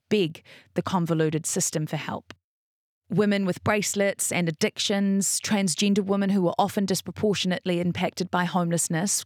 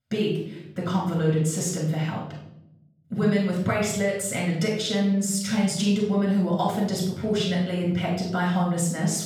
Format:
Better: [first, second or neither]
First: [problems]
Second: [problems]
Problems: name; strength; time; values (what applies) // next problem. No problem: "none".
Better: first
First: none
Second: room echo; noticeable; dies away in 0.8 s // off-mic speech; far